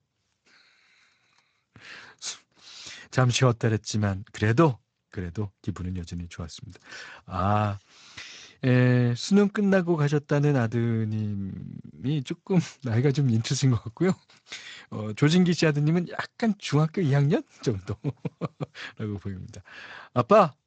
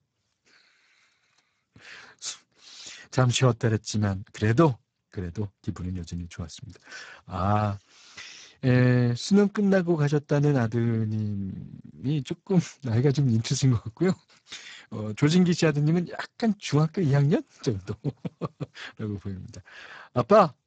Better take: first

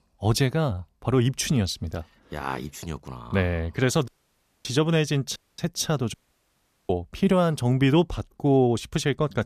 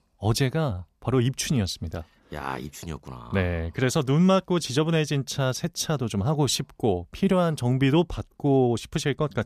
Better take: second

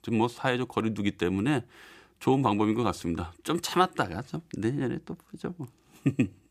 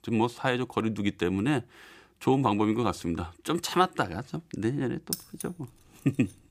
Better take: first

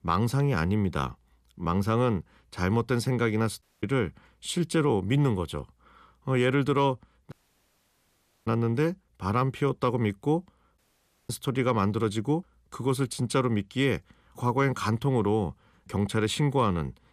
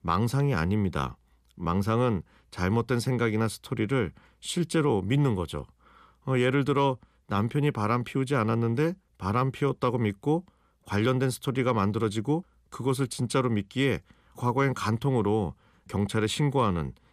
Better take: second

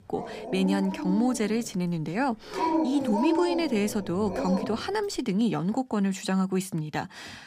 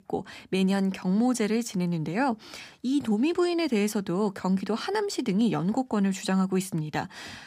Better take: second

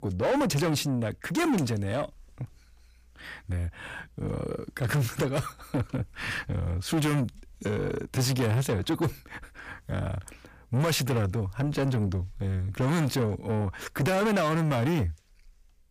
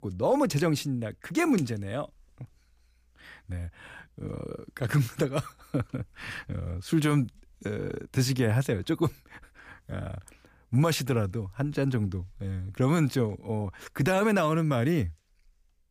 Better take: second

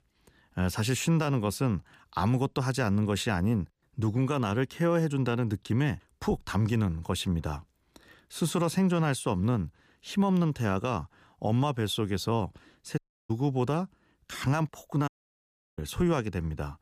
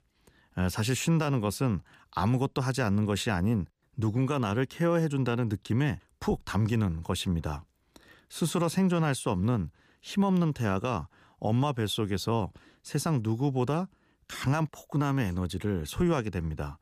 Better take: second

